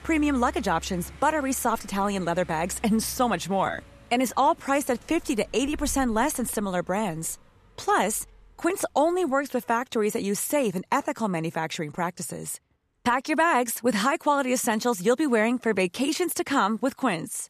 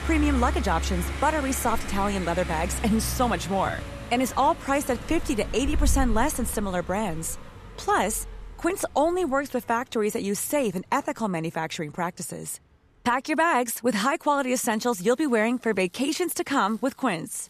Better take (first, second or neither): first